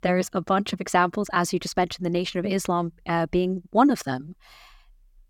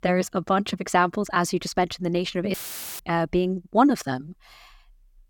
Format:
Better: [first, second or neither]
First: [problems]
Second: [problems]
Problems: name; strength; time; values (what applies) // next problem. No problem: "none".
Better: first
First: none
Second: audio cutting out; filled with static; at 2.5 s